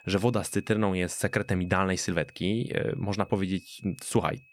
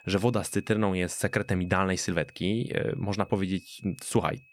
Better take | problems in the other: neither | high-pitched whine; faint; throughout; 2.5 kHz, 25 dB below the speech; the same in both

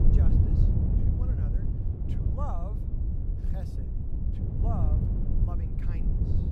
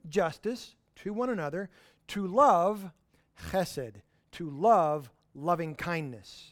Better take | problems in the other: second | wind noise on the microphone; heavy; 2 dB above the speech

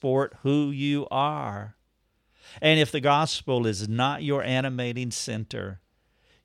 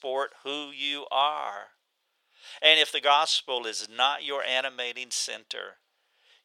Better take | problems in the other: first | thin; very; fading below 600 Hz

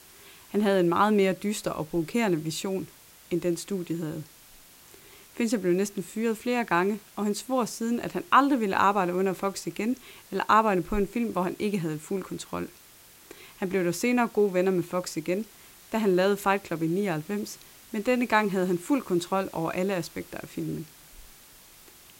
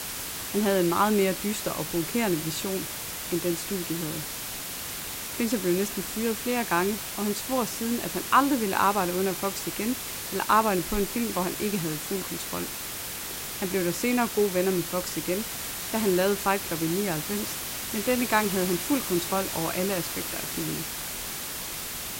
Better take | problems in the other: first | hiss; loud; throughout; 4 dB below the speech; faint in the first

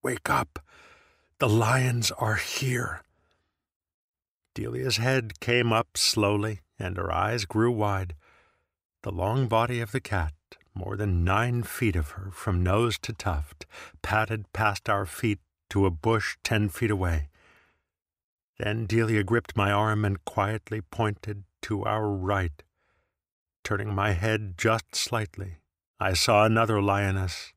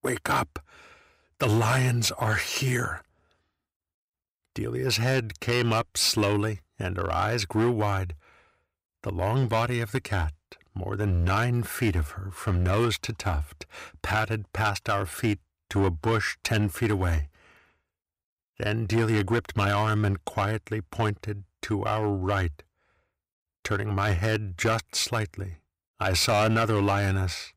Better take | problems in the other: first | distortion; slight; 5% of the sound clipped

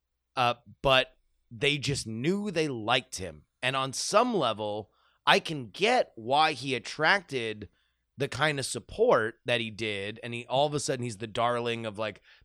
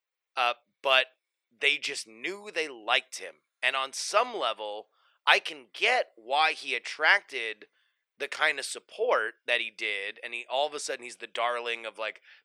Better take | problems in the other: first | thin; very; fading below 450 Hz

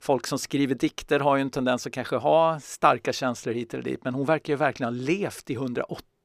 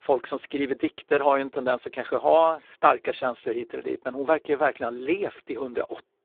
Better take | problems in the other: first | phone-call audio; poor line; nothing above 3.5 kHz

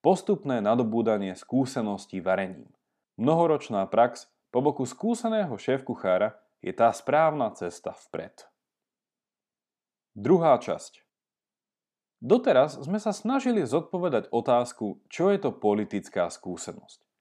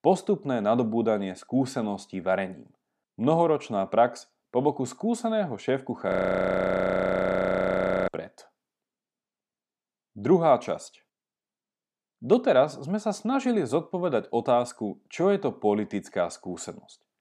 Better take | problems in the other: first | audio freezing; at 6 s for 2 s

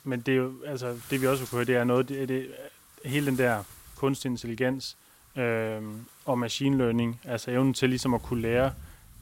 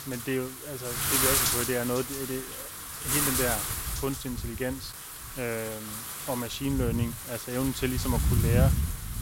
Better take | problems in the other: first | wind noise on the microphone; heavy; 1 dB above the speech; occasional gusts in the first

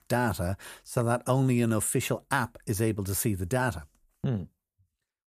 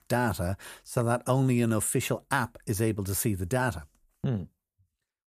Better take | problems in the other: neither | none

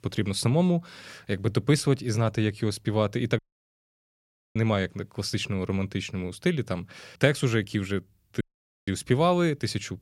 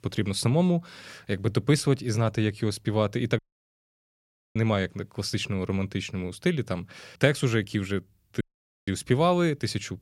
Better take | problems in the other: neither | audio cutting out; at 3.5 s for 1 s and at 8.5 s; the same in both

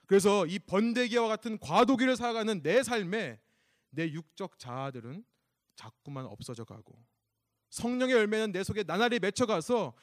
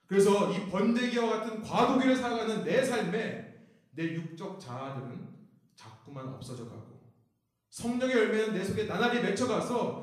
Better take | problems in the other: first | room echo; noticeable; dies away in 0.6 s // off-mic speech; far

